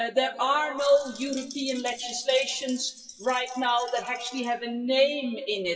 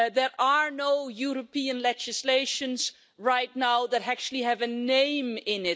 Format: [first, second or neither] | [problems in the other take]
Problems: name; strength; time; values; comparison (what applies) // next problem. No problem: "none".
second | noise reduction (classical method WPE with log-MMSE)